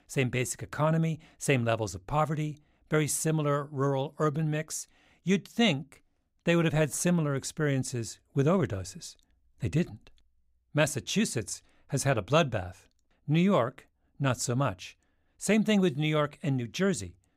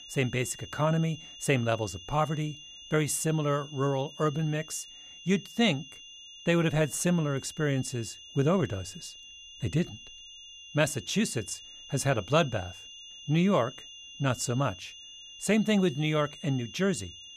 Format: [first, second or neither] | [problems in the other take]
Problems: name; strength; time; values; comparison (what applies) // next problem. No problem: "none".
first | high-pitched whine; noticeable; throughout; 3 kHz, 15 dB below the speech